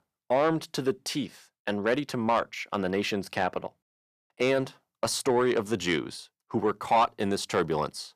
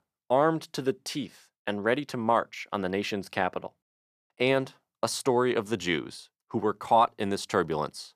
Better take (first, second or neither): second